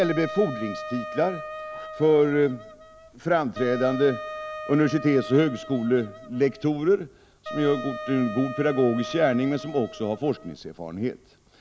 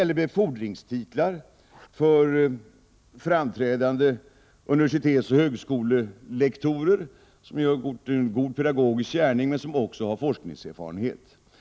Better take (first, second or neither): second